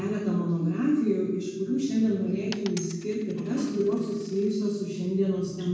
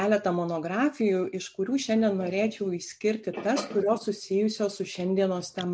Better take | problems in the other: second | background sound (Coin (dropping)); 19 dB below the speech // room echo; dies away in 1.1 s

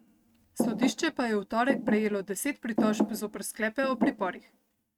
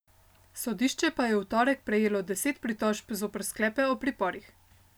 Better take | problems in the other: second | noise reduction (neural mask model RNNoise)

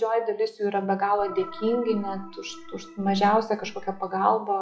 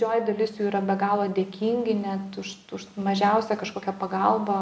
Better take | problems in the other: second | noise reduction (classical method log-MMSE)

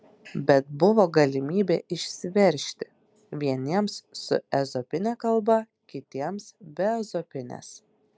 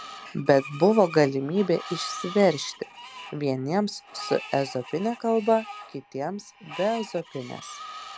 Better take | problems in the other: first | background sound (Screech); 15 dB below the speech

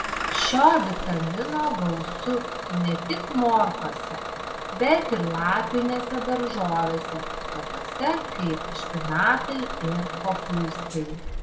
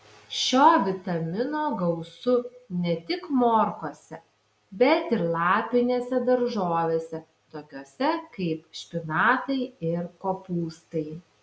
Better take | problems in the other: second | background sound (Engine starting / Bus); 6 dB below the speech // room echo; dies away in 1.3 s

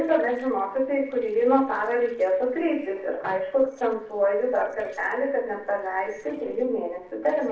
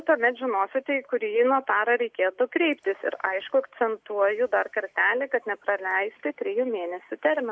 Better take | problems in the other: second | noise reduction (neural separator model SepFormer DNS4)

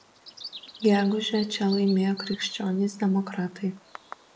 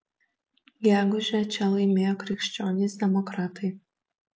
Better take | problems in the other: second | background sound (Bird vocalization, bird call, bird song); 17 dB below the speech

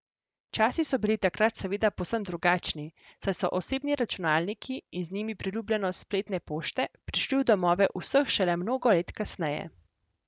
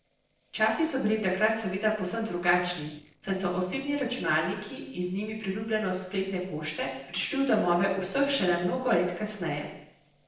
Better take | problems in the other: first | noise reduction (neural separator model SepFormer DNS4)

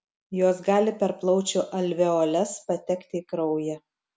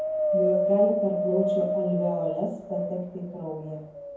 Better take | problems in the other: first | background sound (Wind); 2 dB above the speech // room echo; dies away in 0.9 s

